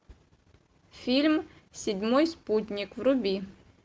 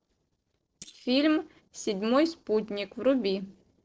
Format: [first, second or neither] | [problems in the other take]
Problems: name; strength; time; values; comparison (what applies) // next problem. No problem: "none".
first | noise reduction (neural separator model SepFormer DNS4)